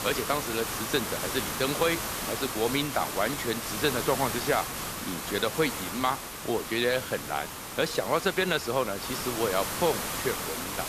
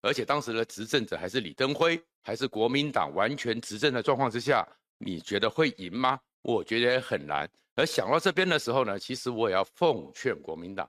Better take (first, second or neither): second